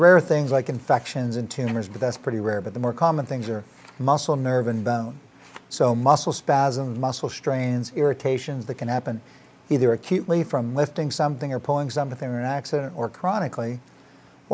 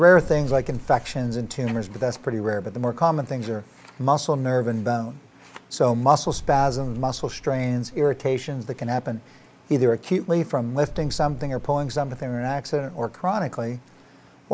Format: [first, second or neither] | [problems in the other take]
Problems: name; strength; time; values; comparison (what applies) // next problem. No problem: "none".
first | background sound (Boom); 15 dB below the speech